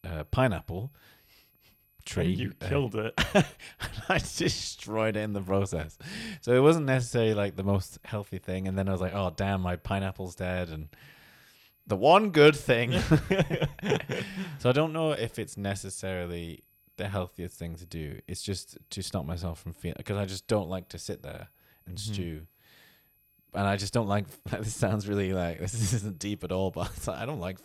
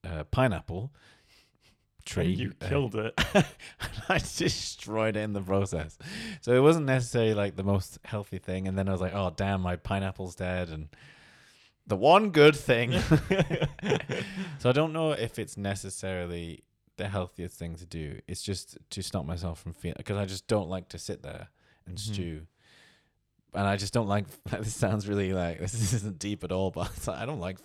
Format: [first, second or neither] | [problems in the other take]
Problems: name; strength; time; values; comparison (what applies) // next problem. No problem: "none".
second | high-pitched whine; faint; throughout; 11.5 kHz, 35 dB below the speech